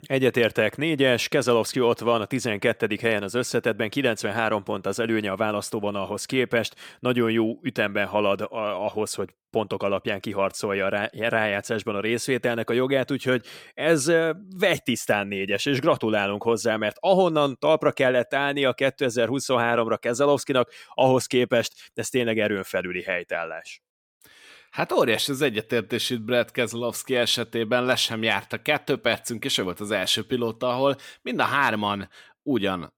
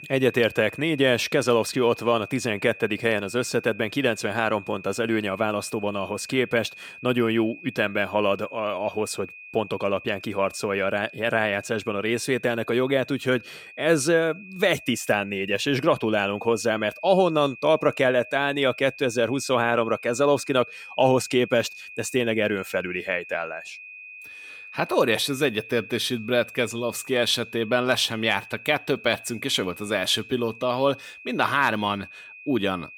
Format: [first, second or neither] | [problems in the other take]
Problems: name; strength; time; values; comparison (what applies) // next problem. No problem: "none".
first | high-pitched whine; noticeable; throughout; 2.5 kHz, 15 dB below the speech